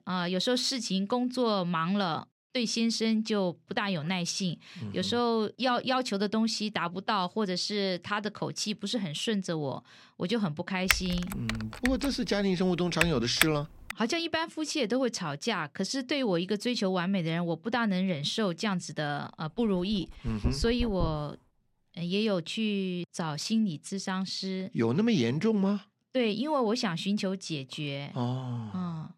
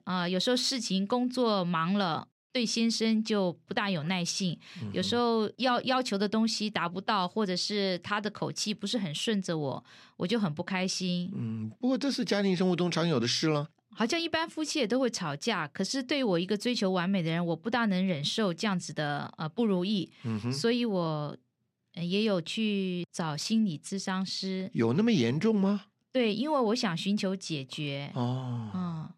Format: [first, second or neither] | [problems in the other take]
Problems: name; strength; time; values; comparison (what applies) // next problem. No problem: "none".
second | keyboard typing; loud; from 11 to 14 s; peak 2 dB above the speech // dog barking; noticeable; from 20 to 21 s; peak 6 dB below the speech